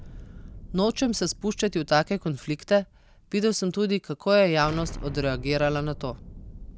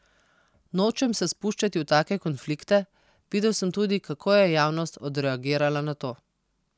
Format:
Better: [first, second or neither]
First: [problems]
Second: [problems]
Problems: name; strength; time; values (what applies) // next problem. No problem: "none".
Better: second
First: background sound (Explosion); 15 dB below the speech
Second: none